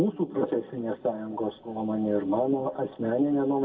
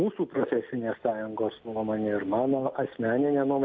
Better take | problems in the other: second | room echo; dies away in 2 s

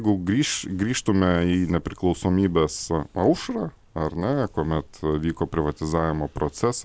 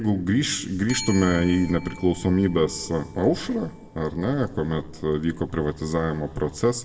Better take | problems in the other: first | background sound (Bell); 18 dB below the speech // room echo; dies away in 1.3 s

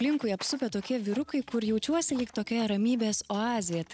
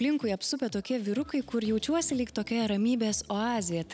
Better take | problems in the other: second | noise reduction (neural mask model RNNoise)

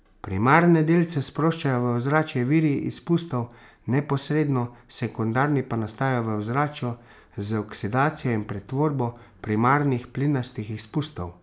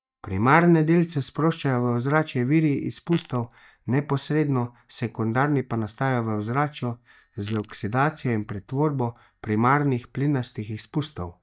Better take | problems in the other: first | noise reduction (neural mask model DeepFilterNet 3)

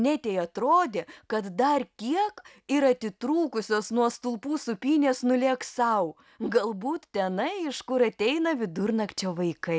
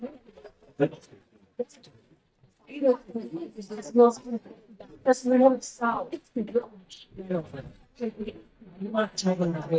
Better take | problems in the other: first | noise reduction (neural mask model DeepFilterNet 3)

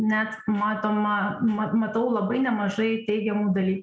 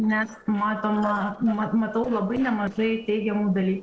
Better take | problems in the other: first | noise reduction (neural separator model SepFormer DNS4)

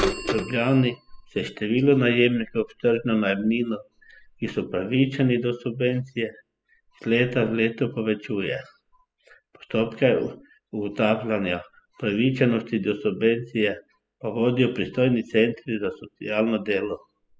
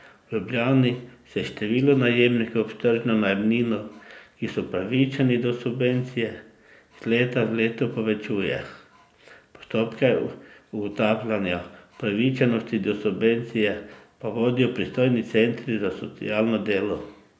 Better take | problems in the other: second | noise reduction (classical method spectral subtraction)

